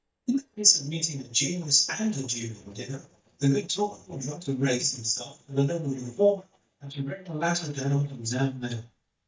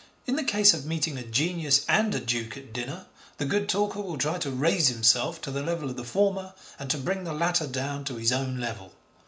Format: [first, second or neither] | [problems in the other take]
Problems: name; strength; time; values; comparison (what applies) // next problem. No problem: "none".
second | noise reduction (neural mask model DeepFilterNet 3)